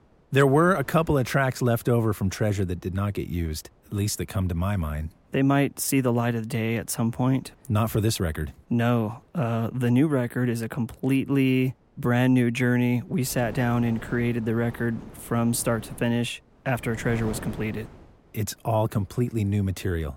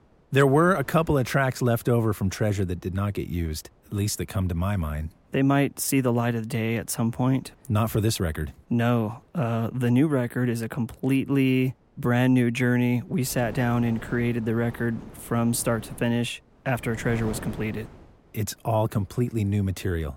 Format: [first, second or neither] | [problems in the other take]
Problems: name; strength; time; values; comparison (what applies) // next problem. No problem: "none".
neither | wind noise on the microphone; occasional gusts; 20 dB below the speech; the same in both